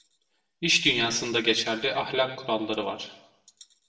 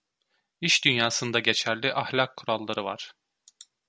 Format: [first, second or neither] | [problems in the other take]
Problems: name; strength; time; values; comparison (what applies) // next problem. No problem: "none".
second | room echo; dies away in 0.8 s